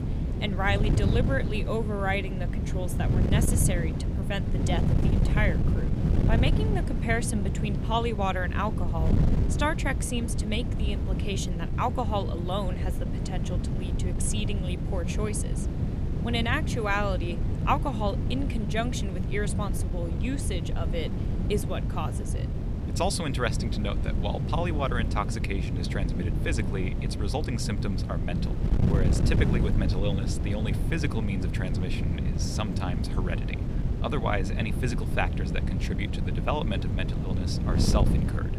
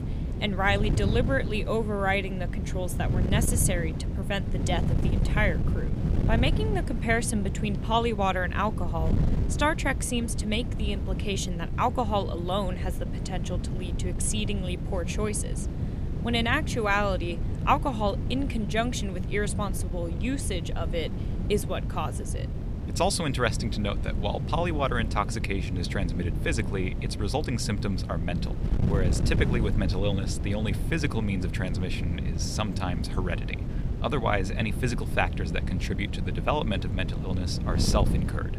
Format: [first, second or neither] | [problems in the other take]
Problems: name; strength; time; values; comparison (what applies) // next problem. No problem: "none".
second | wind noise on the microphone; heavy; 6 dB below the speech; occasional gusts in the second